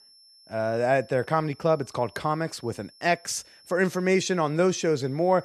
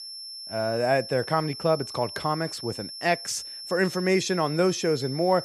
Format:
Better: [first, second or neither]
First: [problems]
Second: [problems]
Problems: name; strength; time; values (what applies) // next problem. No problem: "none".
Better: first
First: high-pitched whine; faint; throughout; 5.5 kHz, 25 dB below the speech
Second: high-pitched whine; loud; throughout; 5.5 kHz, 10 dB below the speech